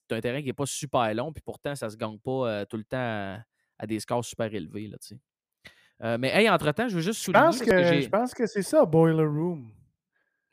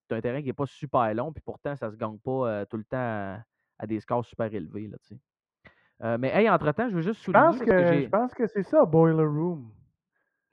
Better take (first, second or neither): first